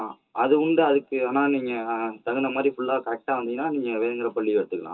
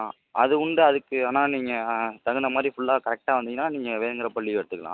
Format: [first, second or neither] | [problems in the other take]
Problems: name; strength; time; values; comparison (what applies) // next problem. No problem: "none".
second | room echo; dies away in 0.2 s